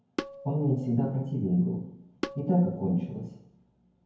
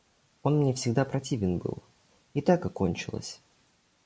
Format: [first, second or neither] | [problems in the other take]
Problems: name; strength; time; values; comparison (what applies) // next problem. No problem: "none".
second | background sound (Tabla); 11 dB below the speech // room echo; dies away in 0.9 s